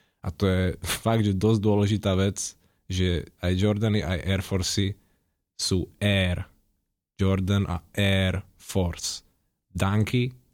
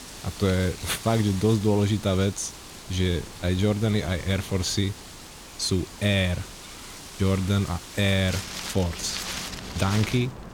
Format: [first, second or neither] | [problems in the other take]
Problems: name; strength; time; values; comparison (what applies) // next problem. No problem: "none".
first | wind in the background; noticeable; throughout; 10 dB below the speech